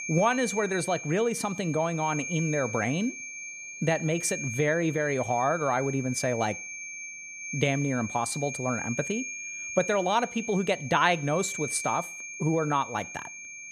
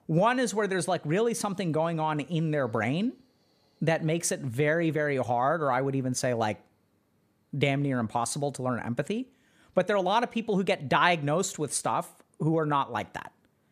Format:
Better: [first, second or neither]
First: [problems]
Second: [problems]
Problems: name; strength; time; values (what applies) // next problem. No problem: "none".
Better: second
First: high-pitched whine; loud; throughout; 2.5 kHz, 8 dB below the speech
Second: none